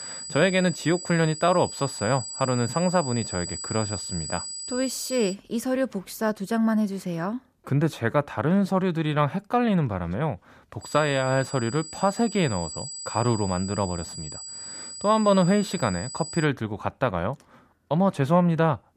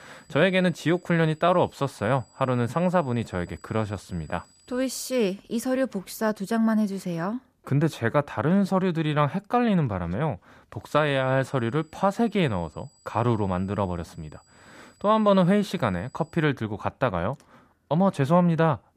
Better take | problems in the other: second | high-pitched whine; loud; until 5.5 s and from 11 to 16 s; 8 kHz, 9 dB below the speech; faint in the second

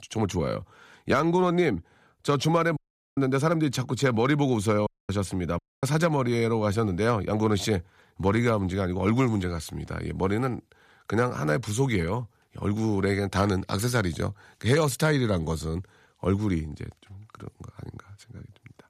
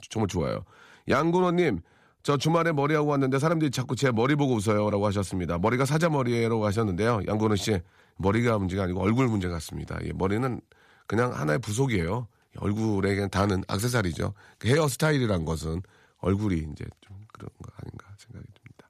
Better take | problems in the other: second | audio cutting out; at 3 s, at 5 s and at 5.5 s

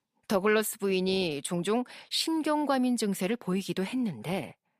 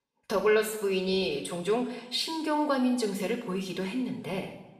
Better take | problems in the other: first | room echo; slight; dies away in 0.9 s // off-mic speech; somewhat distant

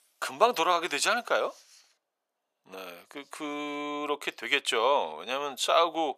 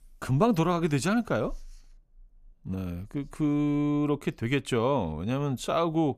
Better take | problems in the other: second | thin; very; fading below 550 Hz

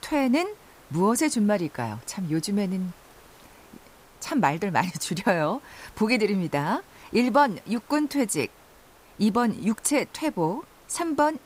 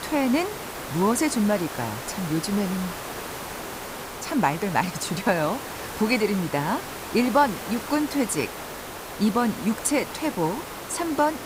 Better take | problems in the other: first | hiss; loud; throughout; 9 dB below the speech; faint in the first

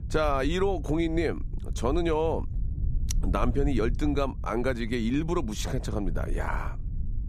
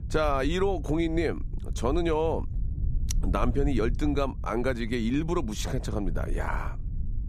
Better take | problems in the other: neither | low rumble; faint; throughout; 20 dB below the speech; the same in both

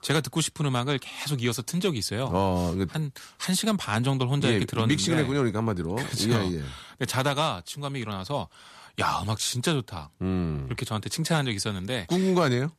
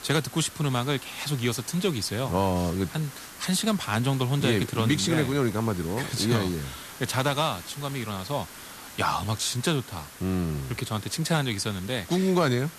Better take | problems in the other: first | hiss; noticeable; throughout; 15 dB below the speech

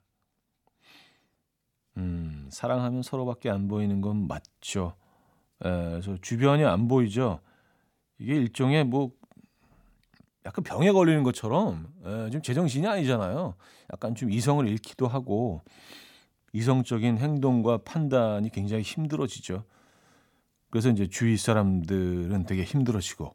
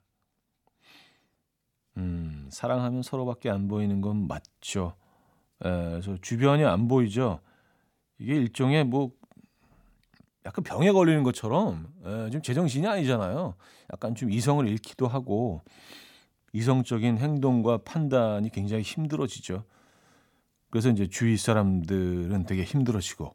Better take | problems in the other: neither | none

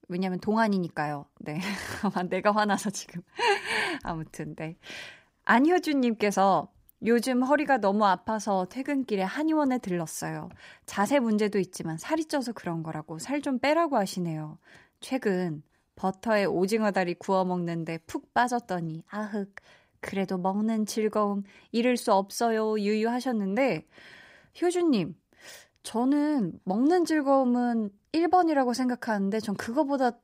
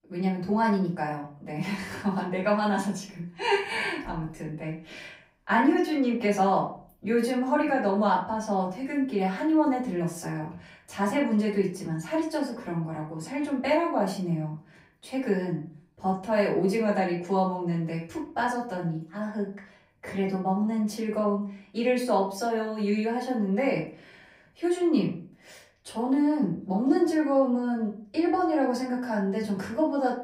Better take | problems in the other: first | off-mic speech; far // room echo; slight; dies away in 0.4 s

